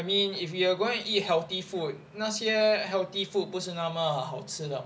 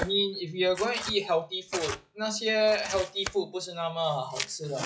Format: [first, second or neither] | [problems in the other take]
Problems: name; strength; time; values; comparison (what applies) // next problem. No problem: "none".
first | noise reduction (classical method log-MMSE)